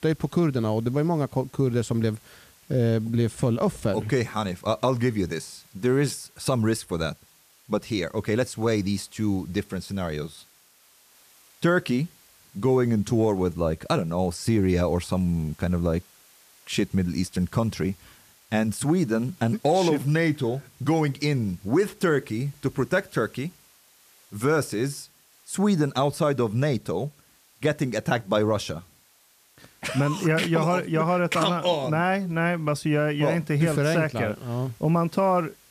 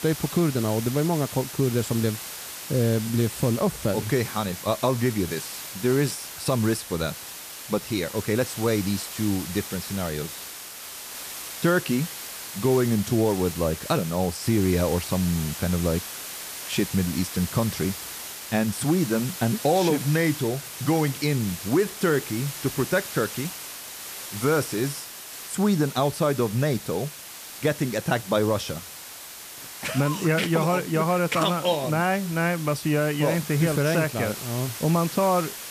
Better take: first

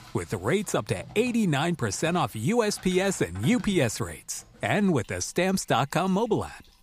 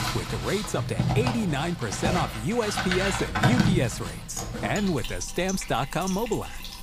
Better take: first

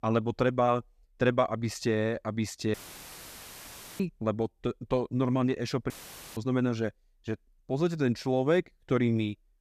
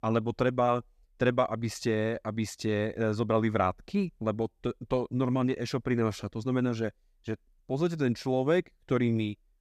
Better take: second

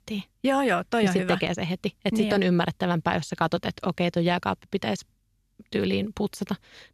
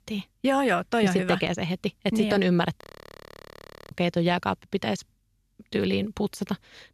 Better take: first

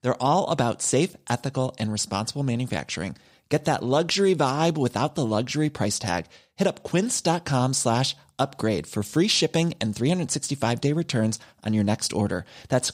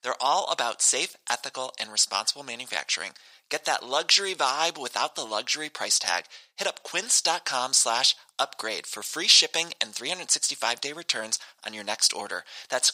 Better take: first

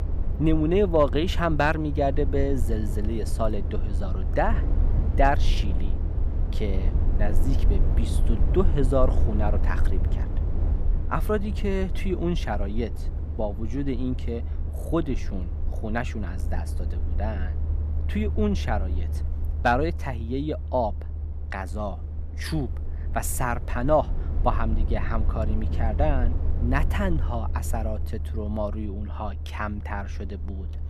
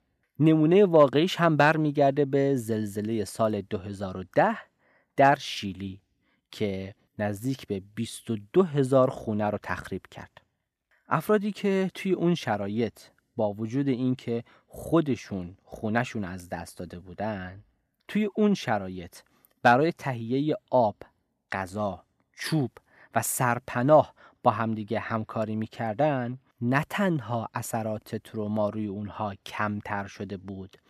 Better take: second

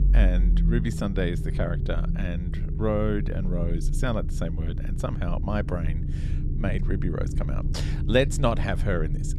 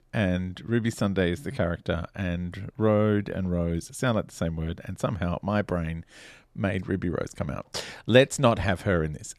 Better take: second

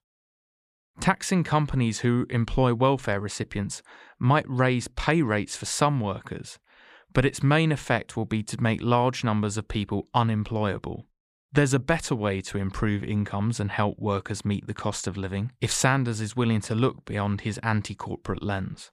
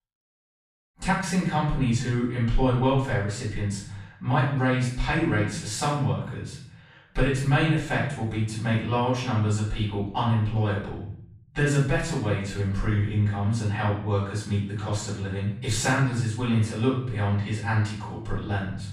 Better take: first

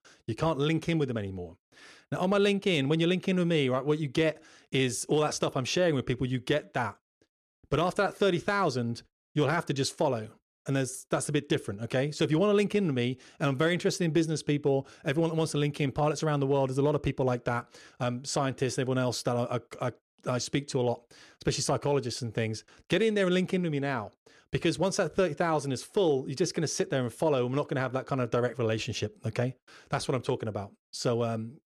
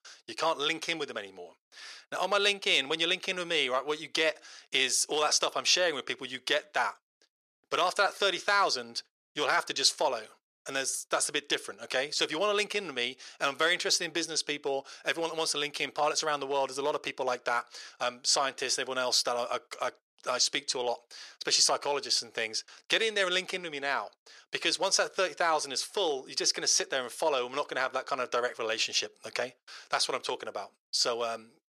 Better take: first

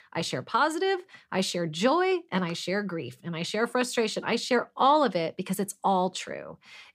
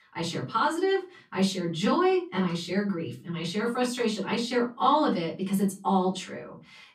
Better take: first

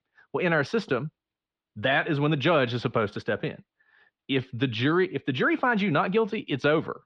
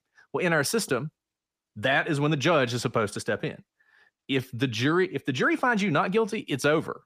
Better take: second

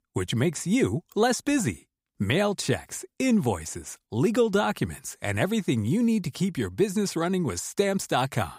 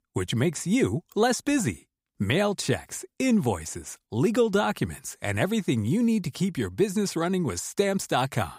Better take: neither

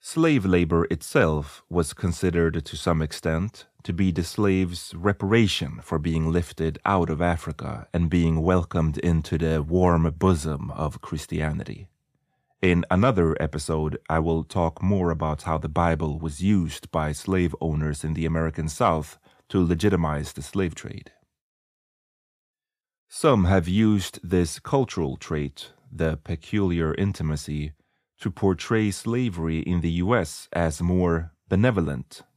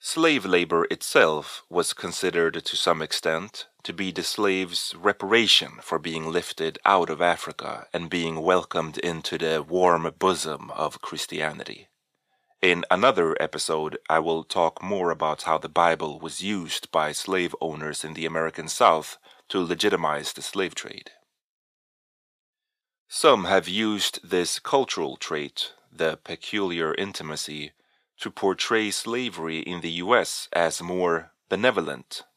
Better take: first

